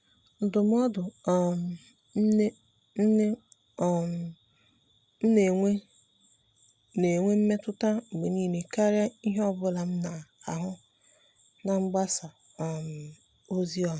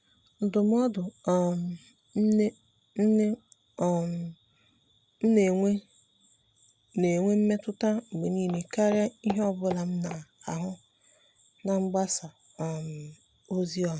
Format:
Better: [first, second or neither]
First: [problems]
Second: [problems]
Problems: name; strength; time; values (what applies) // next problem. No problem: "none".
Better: first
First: none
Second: background sound (Walk, footsteps); 14 dB below the speech